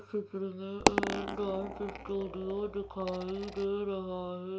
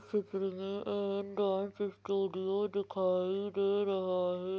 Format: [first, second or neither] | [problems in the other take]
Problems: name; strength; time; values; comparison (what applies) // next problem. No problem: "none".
second | background sound (Coin (dropping)); as loud as the speech // room echo; dies away in 0.3 s